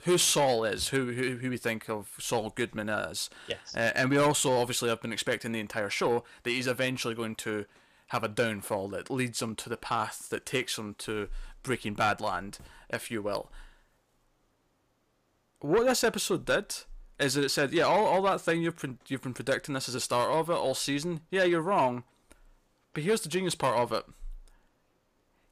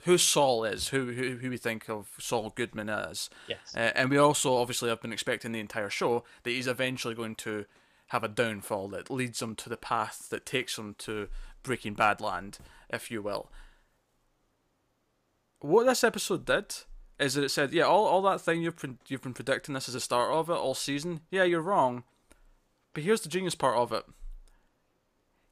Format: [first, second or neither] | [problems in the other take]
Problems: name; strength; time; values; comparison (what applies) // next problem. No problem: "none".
second | distortion; slight; 10 dB below the speech